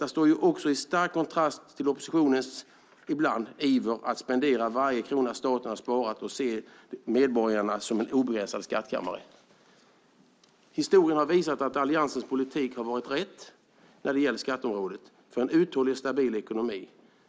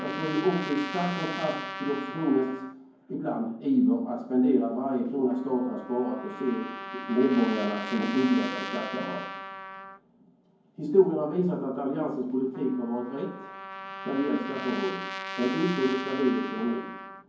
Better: first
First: none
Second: background sound (Trumpet); 11 dB below the speech // room echo; dies away in 0.9 s

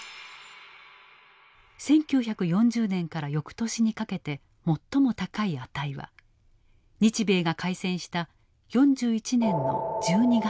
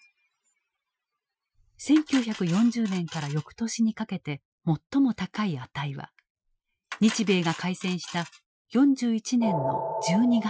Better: first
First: none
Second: noise reduction (classical method Wiener filter)

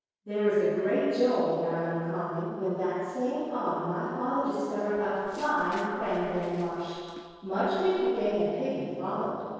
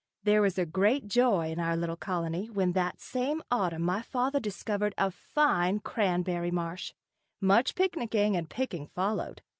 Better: second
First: noise reduction (neural separator model SepFormer DNS4)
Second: none

